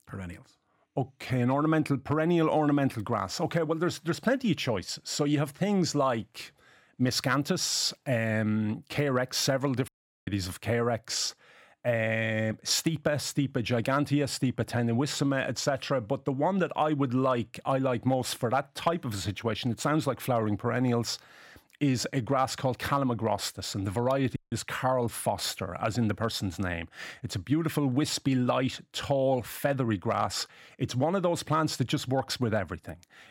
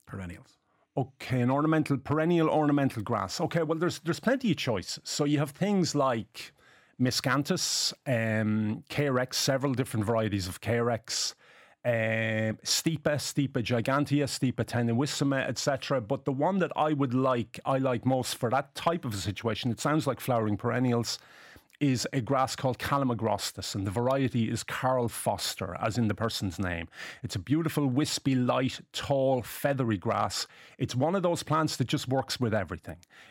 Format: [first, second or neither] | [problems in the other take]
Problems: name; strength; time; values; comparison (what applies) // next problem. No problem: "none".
second | audio cutting out; at 10 s and at 24 s